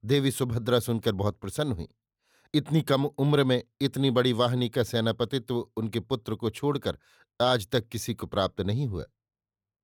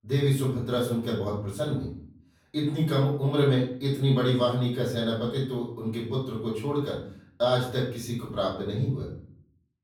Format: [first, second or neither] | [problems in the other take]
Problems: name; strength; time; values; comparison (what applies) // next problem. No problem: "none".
first | off-mic speech; far // room echo; noticeable; dies away in 0.5 s